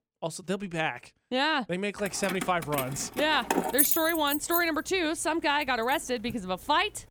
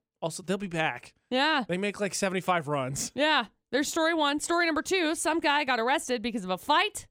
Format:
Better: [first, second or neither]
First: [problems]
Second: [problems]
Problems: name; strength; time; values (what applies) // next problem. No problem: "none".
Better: second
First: jangling keys; loud; from 2 to 4.5 s; peak 6 dB above the speech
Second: none